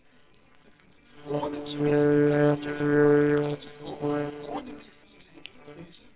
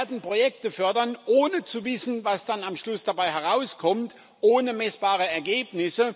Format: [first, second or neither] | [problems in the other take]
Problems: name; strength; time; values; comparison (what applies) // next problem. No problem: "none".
second | noise reduction (neural separator model SepFormer WHAMR!)